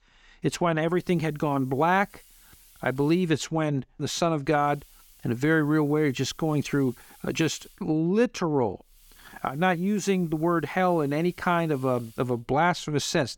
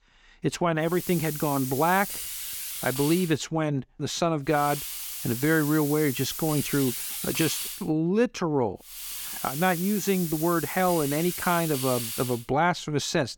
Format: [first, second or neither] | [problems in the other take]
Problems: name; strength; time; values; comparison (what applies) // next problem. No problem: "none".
first | hiss; loud; from 1 to 3 s, from 4.5 to 7.5 s and from 9 to 12 s; 6 dB below the speech; faint in the first